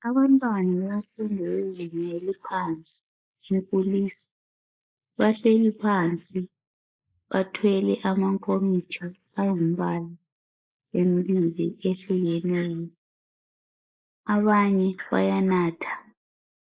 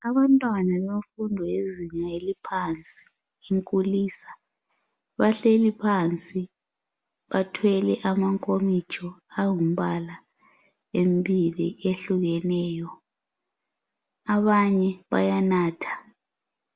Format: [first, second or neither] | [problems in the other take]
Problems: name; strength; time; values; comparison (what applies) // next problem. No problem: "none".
second | noise reduction (neural mask model Resemble Enhance denoiser)